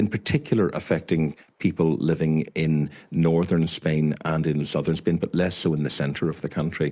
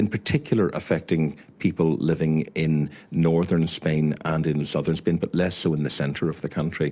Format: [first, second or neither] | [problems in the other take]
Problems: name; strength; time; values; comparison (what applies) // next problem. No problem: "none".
second | noise reduction (neural mask model Resemble Enhance denoiser)